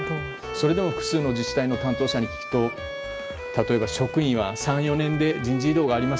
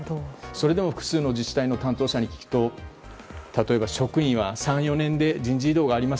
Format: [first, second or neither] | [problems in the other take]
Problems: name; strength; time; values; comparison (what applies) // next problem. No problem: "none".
second | background sound (Bowed string instrument); 9 dB below the speech